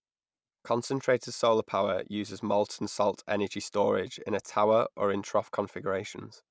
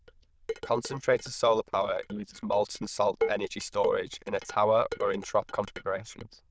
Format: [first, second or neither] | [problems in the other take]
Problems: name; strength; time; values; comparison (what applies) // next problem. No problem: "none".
first | noise reduction (neural diffusion model UNIVERSE++)